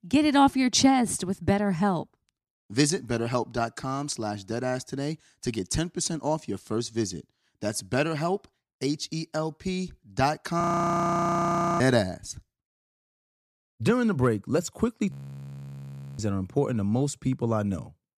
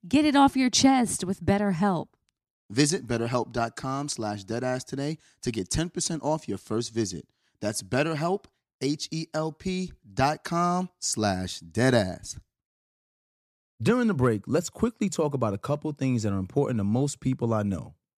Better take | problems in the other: second | audio freezing; at 11 s for 1 s and at 15 s for 1 s

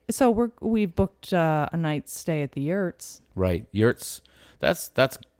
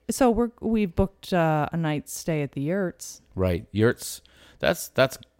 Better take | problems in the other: second | garbled, watery; slightly; nothing above 16 kHz

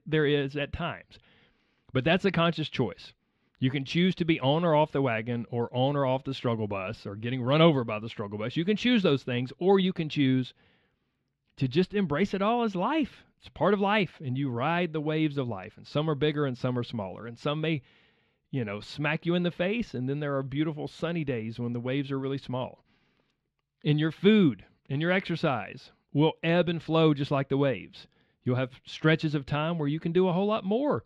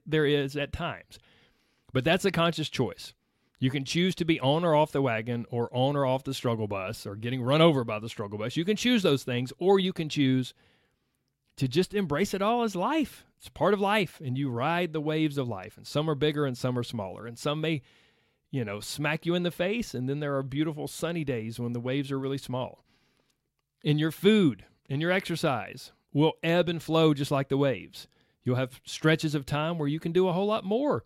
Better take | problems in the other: second | muffled; very slightly; fading above 3 kHz

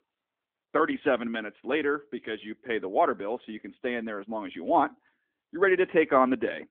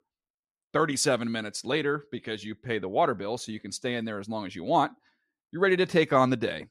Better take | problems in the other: second | phone-call audio; nothing above 3.5 kHz

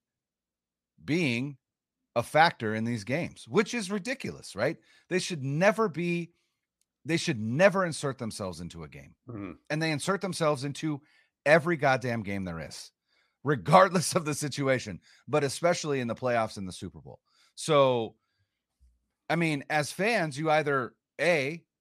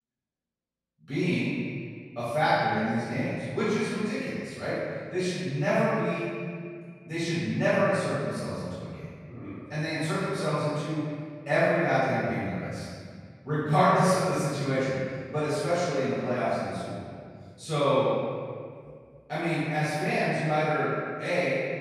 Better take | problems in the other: first | off-mic speech; far // room echo; strong; dies away in 1.9 s

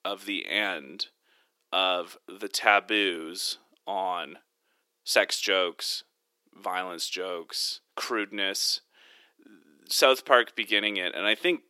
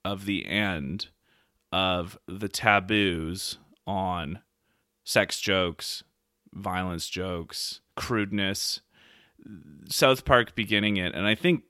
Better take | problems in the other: second | thin; somewhat; fading below 350 Hz

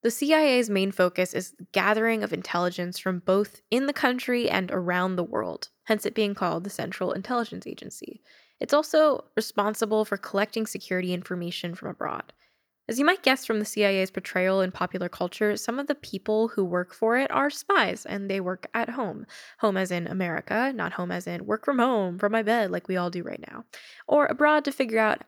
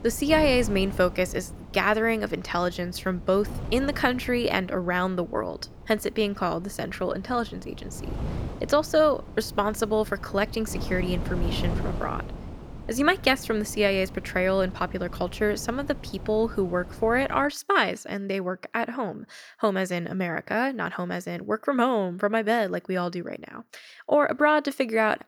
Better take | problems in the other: first | wind noise on the microphone; occasional gusts; until 17 s; 20 dB below the speech

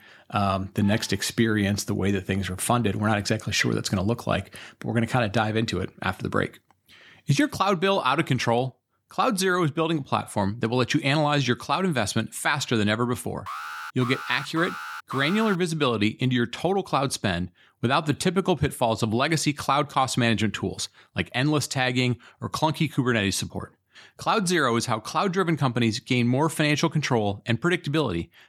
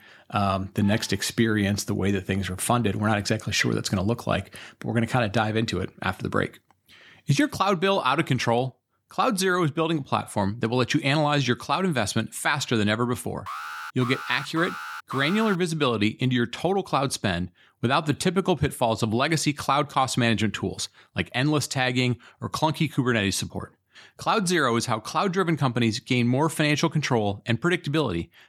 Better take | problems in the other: neither | alarm; noticeable; from 13 to 16 s; peak 9 dB below the speech; the same in both

